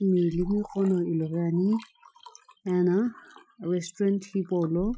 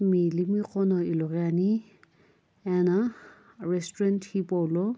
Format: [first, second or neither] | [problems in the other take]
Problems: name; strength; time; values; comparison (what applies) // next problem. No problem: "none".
second | noise reduction (classical method Wiener filter)